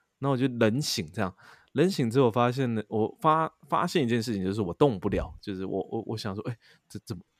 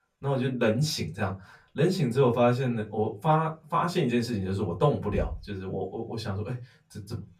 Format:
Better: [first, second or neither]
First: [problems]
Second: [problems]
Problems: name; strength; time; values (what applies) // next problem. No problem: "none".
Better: first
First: none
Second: off-mic speech; far // room echo; very slight; dies away in 0.2 s